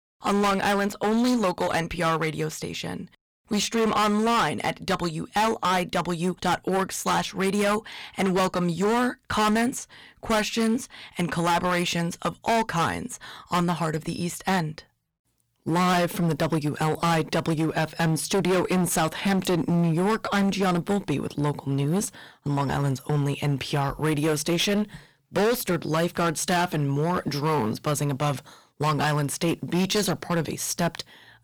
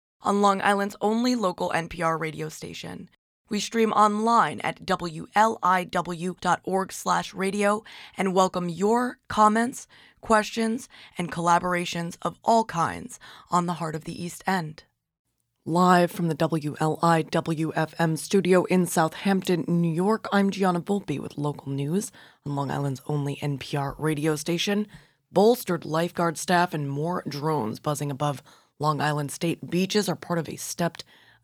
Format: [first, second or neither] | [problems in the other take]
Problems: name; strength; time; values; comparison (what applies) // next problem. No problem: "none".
second | distortion; heavy; 16% of the sound clipped